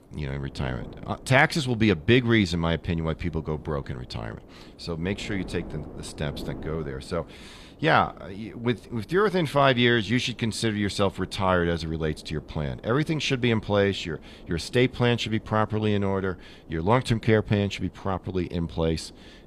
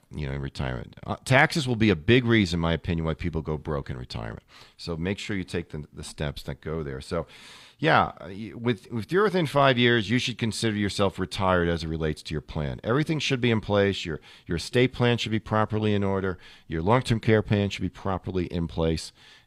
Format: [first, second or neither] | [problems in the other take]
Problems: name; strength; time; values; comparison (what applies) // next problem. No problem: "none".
second | wind noise on the microphone; occasional gusts; 25 dB below the speech